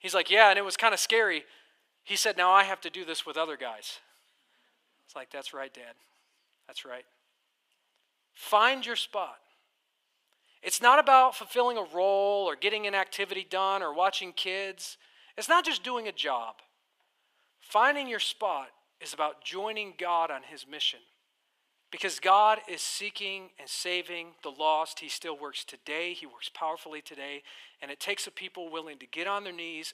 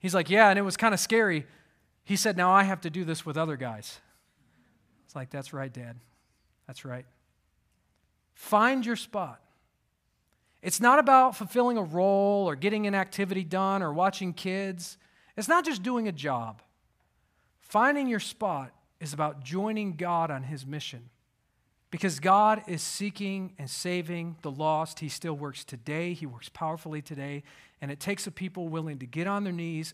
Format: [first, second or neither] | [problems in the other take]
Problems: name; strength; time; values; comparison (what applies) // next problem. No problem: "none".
second | thin; very; fading below 350 Hz